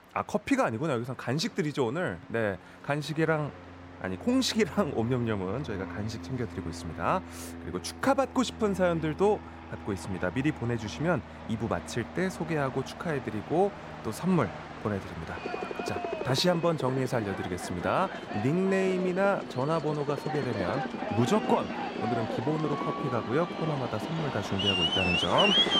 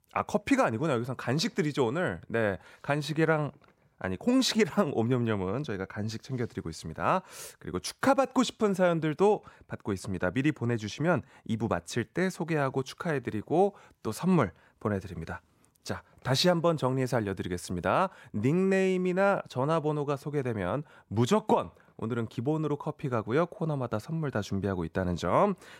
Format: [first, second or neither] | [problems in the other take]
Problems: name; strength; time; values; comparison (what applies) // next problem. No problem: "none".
second | train or aircraft noise; loud; throughout; 5 dB below the speech